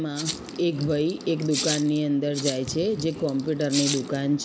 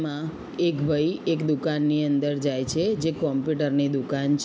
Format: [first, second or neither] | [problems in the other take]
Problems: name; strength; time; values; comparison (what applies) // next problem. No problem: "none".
second | background sound (Rattle (instrument)); 9 dB below the speech